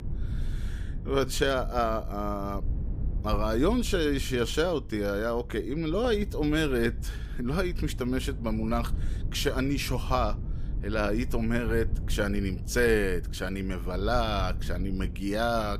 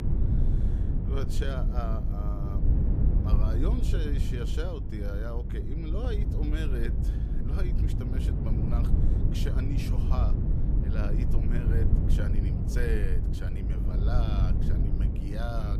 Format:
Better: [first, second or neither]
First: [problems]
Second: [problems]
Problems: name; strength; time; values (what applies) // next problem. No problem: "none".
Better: first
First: low rumble; faint; throughout; 20 dB below the speech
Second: low rumble; loud; throughout; 1 dB below the speech